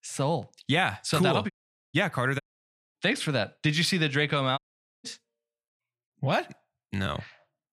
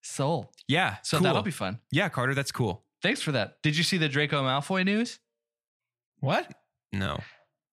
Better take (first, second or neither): second